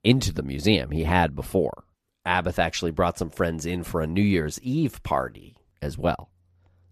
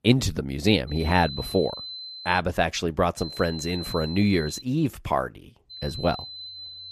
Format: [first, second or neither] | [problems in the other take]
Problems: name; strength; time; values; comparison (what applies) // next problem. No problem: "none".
first | high-pitched whine; noticeable; from 1 to 2.5 s, from 3 to 4.5 s and from 5.5 s on; 4 kHz, 10 dB below the speech